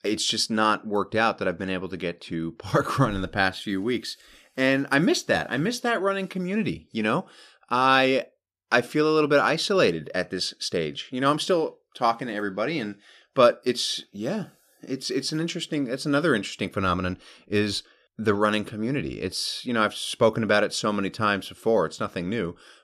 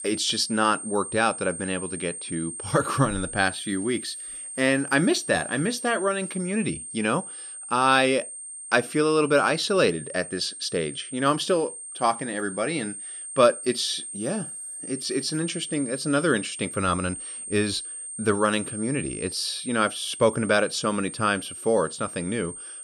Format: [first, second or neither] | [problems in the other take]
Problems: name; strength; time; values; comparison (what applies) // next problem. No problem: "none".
first | high-pitched whine; loud; throughout; 8.5 kHz, 9 dB below the speech